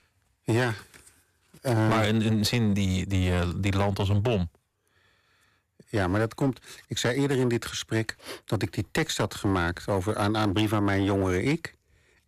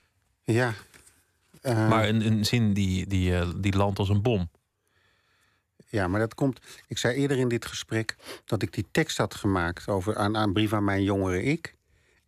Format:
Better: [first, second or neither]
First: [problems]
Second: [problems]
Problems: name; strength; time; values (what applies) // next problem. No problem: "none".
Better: second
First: distortion; slight; 8% of the sound clipped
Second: none